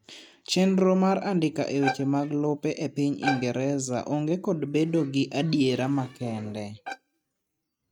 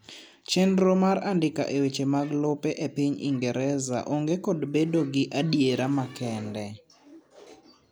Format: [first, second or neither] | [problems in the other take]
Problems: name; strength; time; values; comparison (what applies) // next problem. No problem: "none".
second | noise reduction (neural mask model RNNoise)